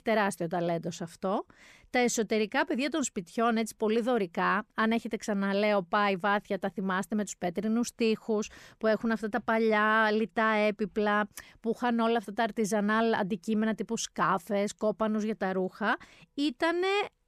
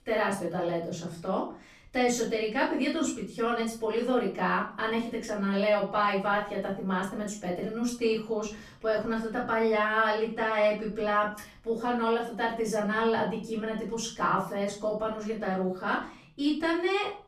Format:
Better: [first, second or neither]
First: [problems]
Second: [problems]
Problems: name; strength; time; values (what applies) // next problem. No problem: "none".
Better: first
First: none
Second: off-mic speech; far // room echo; slight; dies away in 0.4 s